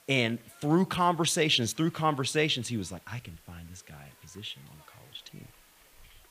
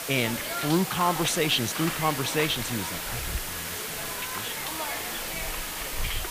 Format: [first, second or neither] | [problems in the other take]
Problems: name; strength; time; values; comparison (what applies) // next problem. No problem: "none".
first | hiss; loud; throughout; 4 dB below the speech; faint in the first